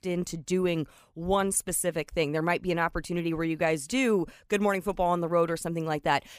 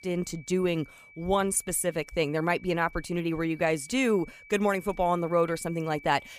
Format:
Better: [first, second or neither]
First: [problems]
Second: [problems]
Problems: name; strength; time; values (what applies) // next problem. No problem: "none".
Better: first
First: none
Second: high-pitched whine; faint; throughout; 2.5 kHz, 20 dB below the speech